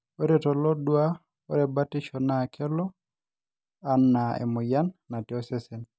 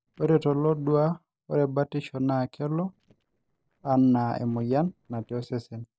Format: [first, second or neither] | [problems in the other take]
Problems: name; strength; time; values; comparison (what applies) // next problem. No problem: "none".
first | noise reduction (neural separator model SepFormer DNS4)